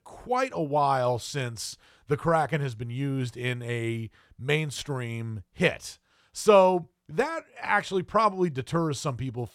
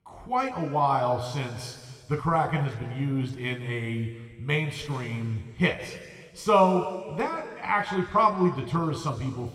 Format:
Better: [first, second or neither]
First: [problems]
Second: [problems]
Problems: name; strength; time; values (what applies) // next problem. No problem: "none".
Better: first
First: none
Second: room echo; noticeable; dies away in 1.9 s